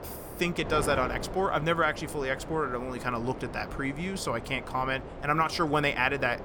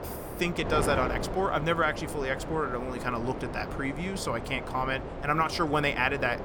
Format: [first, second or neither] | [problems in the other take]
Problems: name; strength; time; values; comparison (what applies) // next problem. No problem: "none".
first | wind noise on the microphone; heavy; 9 dB below the speech; occasional gusts in the first